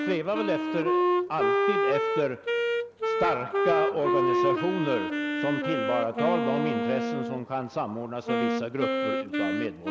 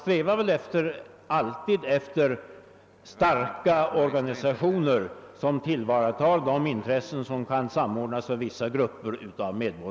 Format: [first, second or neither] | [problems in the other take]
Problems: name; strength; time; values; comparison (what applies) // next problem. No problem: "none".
second | background sound (Wind instrument, woodwind instrument); 3 dB above the speech